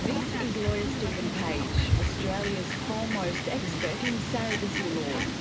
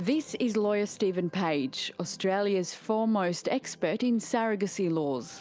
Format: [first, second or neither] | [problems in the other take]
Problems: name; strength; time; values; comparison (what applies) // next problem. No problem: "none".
second | background sound (Fowl); 4 dB above the speech // room echo; dies away in 0.2 s